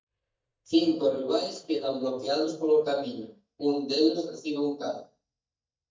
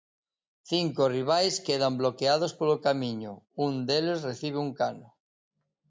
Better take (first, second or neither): second